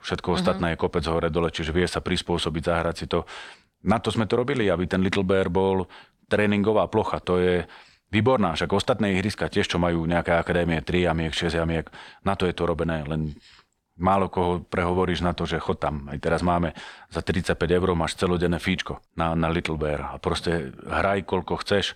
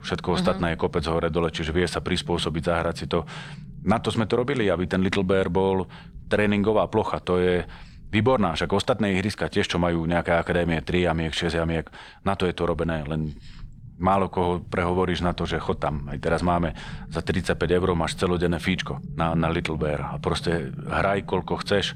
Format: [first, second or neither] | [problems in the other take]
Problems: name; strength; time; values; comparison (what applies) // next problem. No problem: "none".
first | low rumble; faint; throughout; 25 dB below the speech